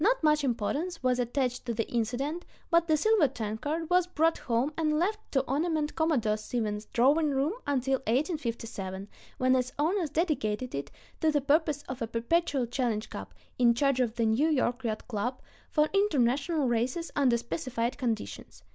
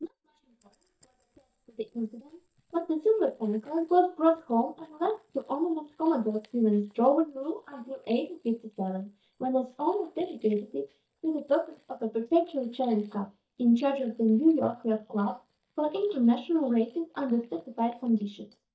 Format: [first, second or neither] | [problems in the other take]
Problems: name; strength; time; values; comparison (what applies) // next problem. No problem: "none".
first | noise reduction (neural mask model DeepFilterNet 3)